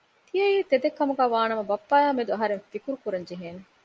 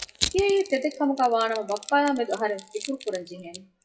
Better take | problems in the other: first | noise reduction (classical method WPE with log-MMSE)

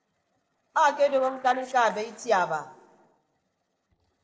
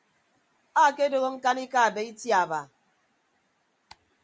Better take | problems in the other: second | noise reduction (neural separator model SepFormer DNS4)

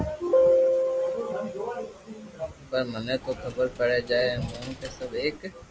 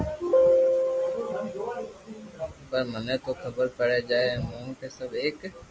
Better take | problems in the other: second | background sound (Coin (dropping)); 18 dB below the speech

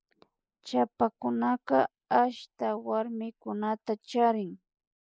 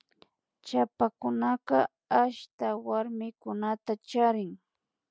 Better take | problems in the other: second | noise reduction (neural mask model Resemble Enhance denoiser)

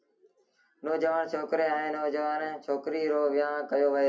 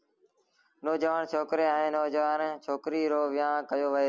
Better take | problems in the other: second | room echo; dies away in 0.3 s

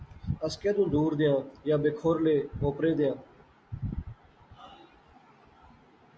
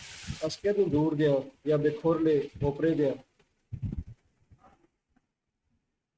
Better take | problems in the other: first | noise reduction (neural mask model RNNoise)

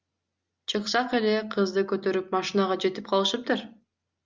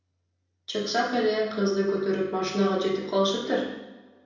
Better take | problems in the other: first | room echo; dies away in 0.9 s

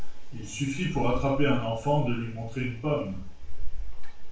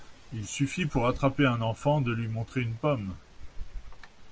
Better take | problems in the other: second | room echo; dies away in 0.4 s

